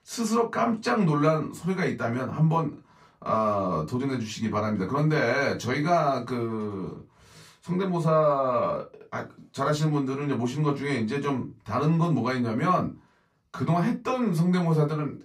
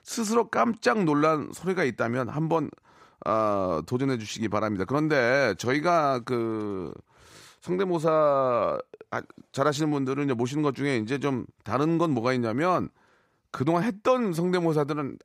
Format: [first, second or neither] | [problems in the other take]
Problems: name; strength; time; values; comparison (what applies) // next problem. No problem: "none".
second | off-mic speech; far // room echo; very slight; dies away in 0.2 s